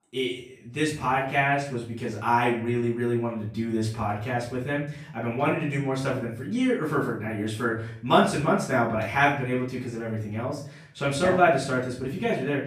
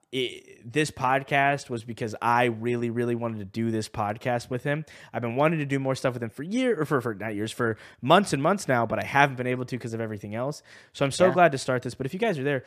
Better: second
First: off-mic speech; far // room echo; noticeable; dies away in 0.5 s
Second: none

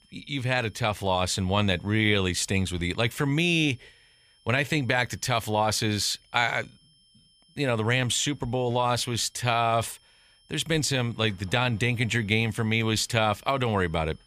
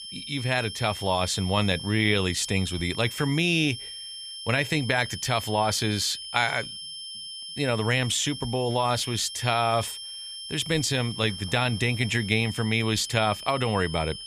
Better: first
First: high-pitched whine; faint; throughout; 3 kHz, 35 dB below the speech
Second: high-pitched whine; loud; throughout; 3 kHz, 10 dB below the speech

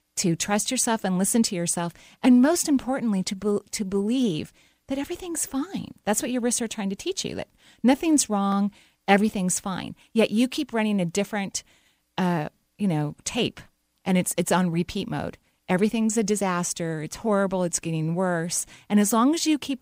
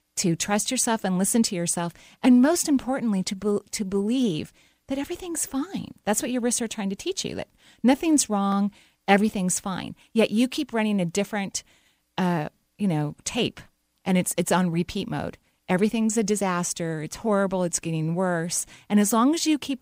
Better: neither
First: none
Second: none

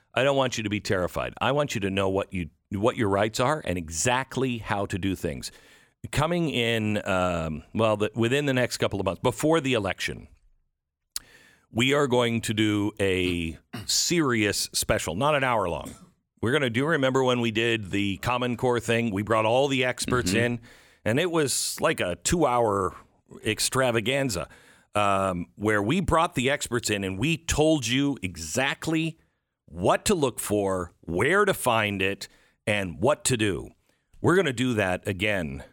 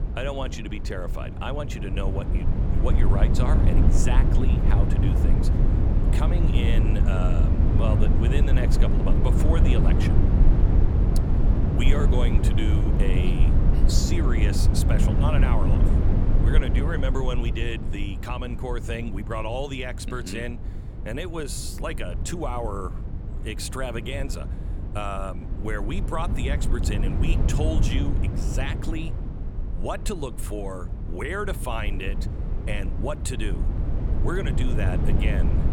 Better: first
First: none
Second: low rumble; loud; throughout; 3 dB below the speech

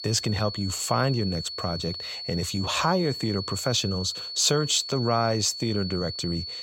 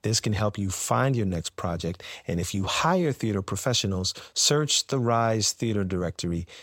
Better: second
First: high-pitched whine; loud; throughout; 4.5 kHz, 7 dB below the speech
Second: none

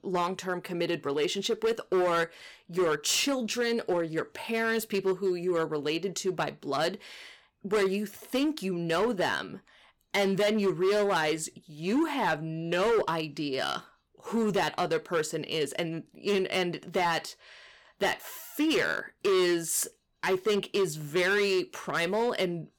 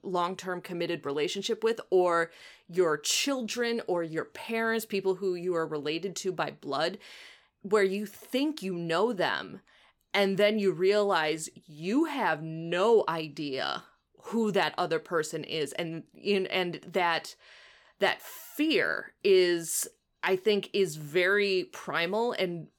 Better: second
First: distortion; slight; 9% of the sound clipped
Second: none

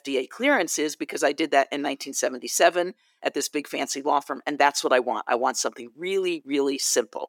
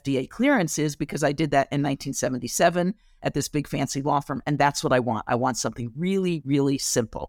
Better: second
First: thin; somewhat; fading below 350 Hz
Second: none

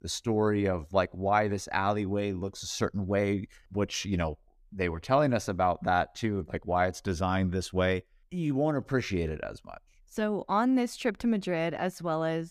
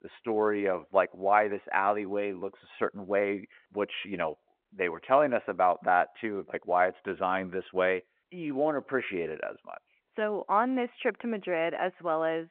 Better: first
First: none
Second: phone-call audio

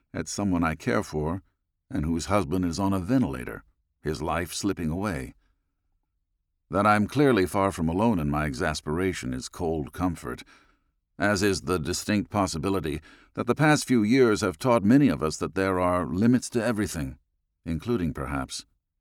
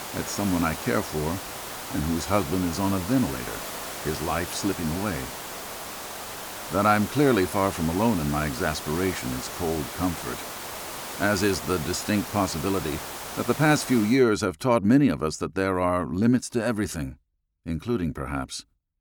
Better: first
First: none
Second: hiss; loud; until 14 s; 8 dB below the speech

